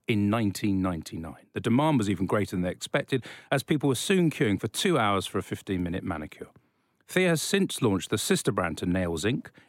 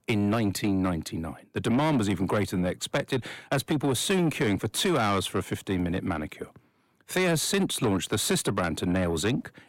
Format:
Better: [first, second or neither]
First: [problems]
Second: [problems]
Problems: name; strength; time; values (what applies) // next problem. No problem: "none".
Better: first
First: none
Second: distortion; slight; 10 dB below the speech